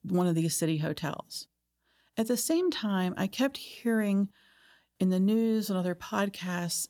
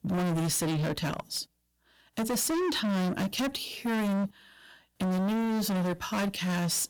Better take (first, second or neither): first